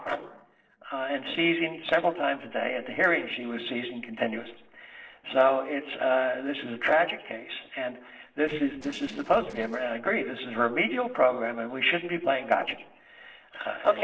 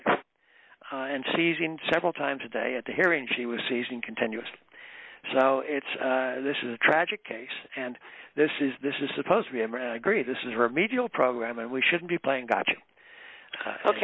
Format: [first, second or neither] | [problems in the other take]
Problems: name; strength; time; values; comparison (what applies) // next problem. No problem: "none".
second | noise reduction (neural separator model SepFormer DNS4)